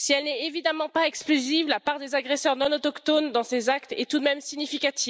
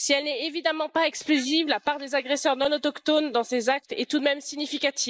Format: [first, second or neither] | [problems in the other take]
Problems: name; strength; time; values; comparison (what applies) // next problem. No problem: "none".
first | noise reduction (neural mask model Resemble Enhance denoiser)